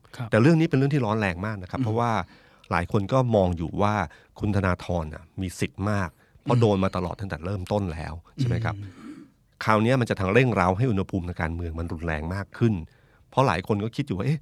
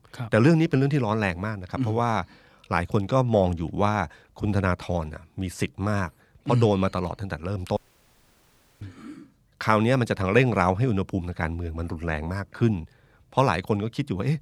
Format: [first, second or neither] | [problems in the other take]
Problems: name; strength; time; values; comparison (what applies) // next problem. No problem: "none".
first | audio cutting out; at 8 s for 1 s